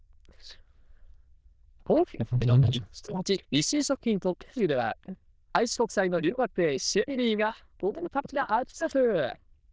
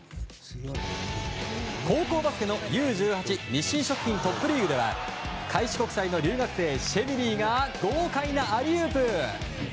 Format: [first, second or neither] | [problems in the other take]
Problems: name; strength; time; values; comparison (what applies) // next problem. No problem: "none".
second | noise reduction (neural diffusion model UNIVERSE++)